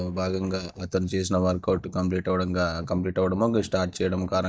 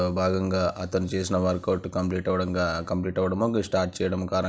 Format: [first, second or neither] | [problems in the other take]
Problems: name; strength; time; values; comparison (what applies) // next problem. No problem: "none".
second | noise reduction (neural mask model DeepFilterNet 3)